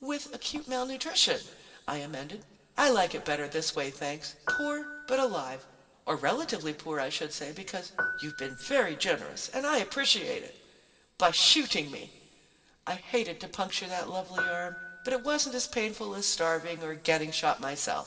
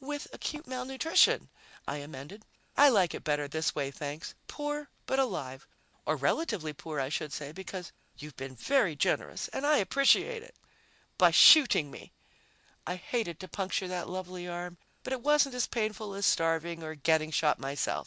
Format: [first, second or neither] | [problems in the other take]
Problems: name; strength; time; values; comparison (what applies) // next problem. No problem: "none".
second | background sound (Piano); 7 dB below the speech // room echo; dies away in 1.4 s